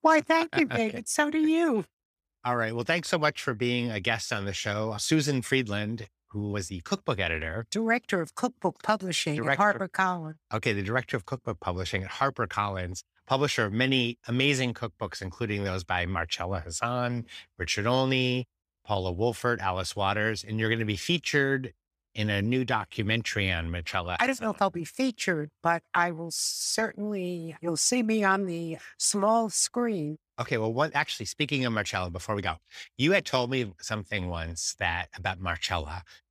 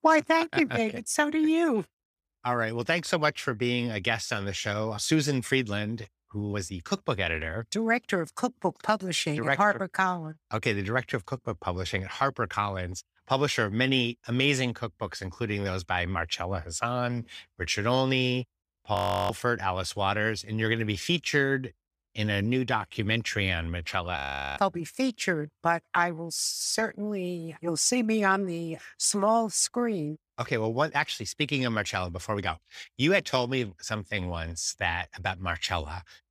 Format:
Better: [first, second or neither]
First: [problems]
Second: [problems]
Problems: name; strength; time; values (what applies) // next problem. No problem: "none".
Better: first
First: none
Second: audio freezing; at 19 s and at 24 s